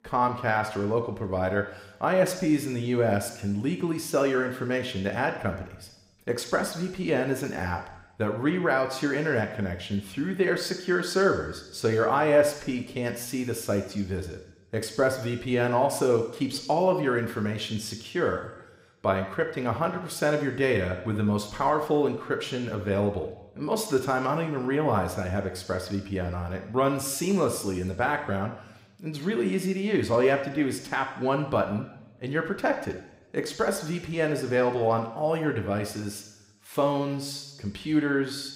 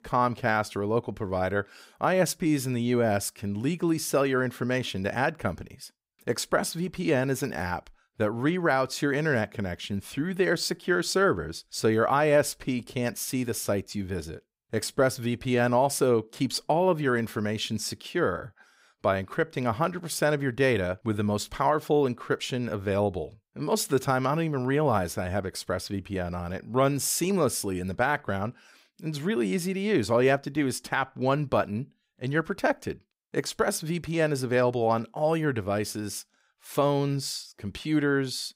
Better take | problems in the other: second | room echo; slight; dies away in 1 s

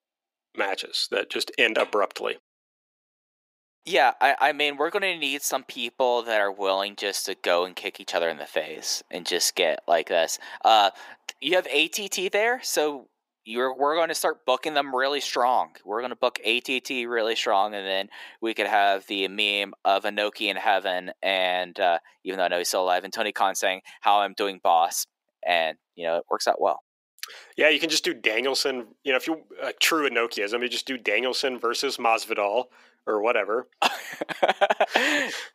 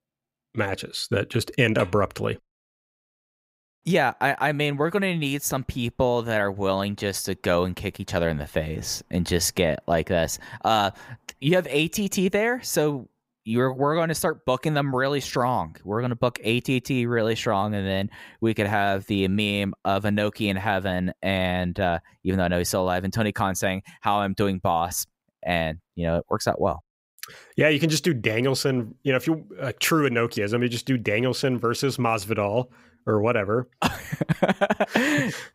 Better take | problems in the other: second | thin; very; fading below 300 Hz

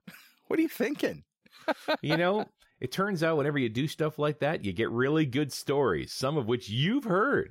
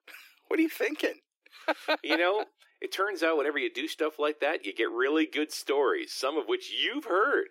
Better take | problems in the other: first | thin; somewhat; fading below 300 Hz

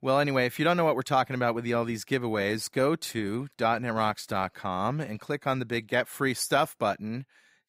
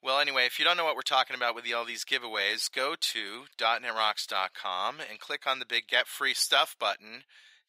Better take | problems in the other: first | thin; very; fading below 700 Hz

